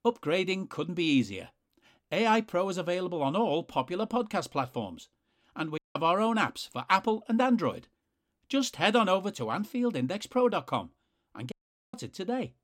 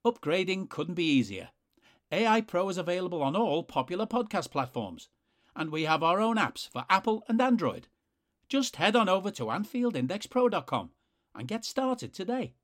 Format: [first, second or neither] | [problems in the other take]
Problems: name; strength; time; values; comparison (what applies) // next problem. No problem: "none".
second | audio cutting out; at 6 s and at 12 s